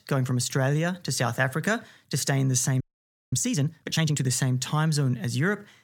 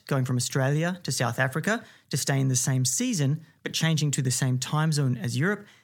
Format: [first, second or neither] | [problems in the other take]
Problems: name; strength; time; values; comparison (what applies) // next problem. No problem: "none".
second | audio freezing; at 3 s for 0.5 s